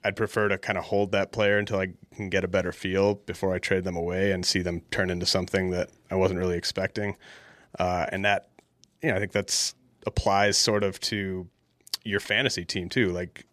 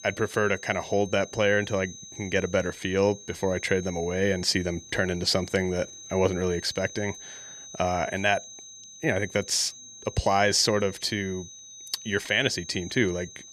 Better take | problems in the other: first | high-pitched whine; noticeable; throughout; 6.5 kHz, 15 dB below the speech

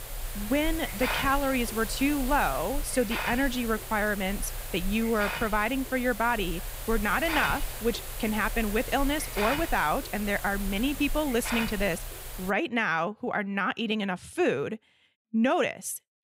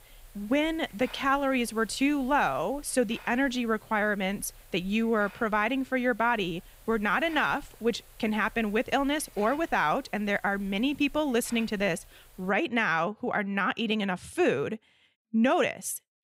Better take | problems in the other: second | hiss; loud; until 13 s; 7 dB below the speech; faint in the second

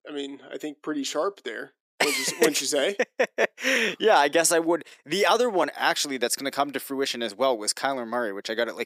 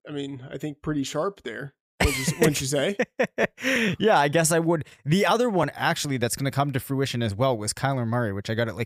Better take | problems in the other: second | thin; somewhat; fading below 300 Hz

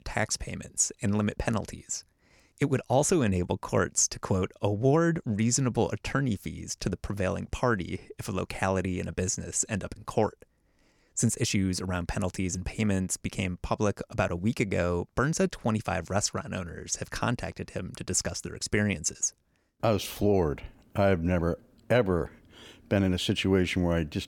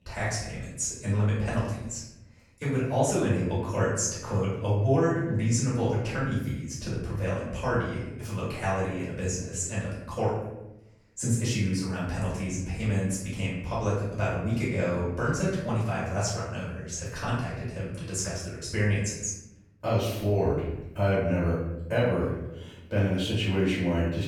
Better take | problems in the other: first | off-mic speech; far // room echo; noticeable; dies away in 0.9 s

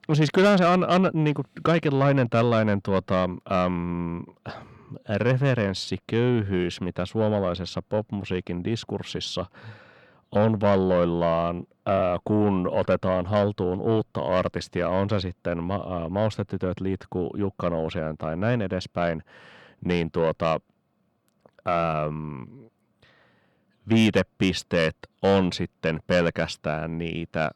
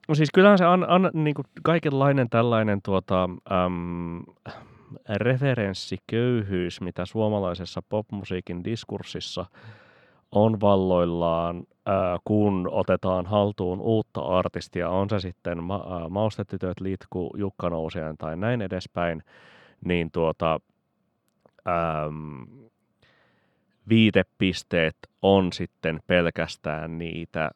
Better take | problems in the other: second | distortion; slight; 10 dB below the speech

